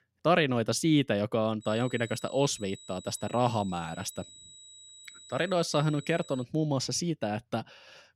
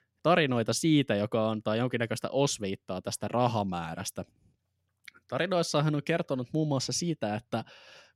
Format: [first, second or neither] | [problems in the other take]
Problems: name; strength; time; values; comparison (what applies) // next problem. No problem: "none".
second | high-pitched whine; noticeable; from 1.5 to 6.5 s; 4 kHz, 20 dB below the speech